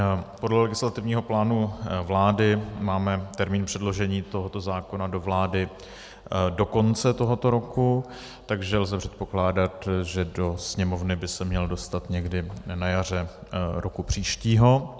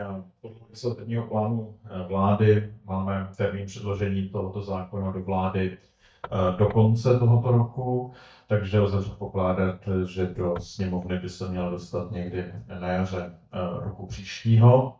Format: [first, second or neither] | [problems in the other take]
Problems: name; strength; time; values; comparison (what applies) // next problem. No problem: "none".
first | noise reduction (neural mask model DeepFilterNet 3)